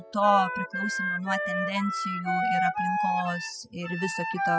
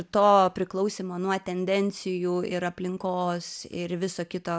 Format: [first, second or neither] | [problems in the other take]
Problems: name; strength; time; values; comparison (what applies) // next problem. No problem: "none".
second | noise reduction (classical method spectral subtraction)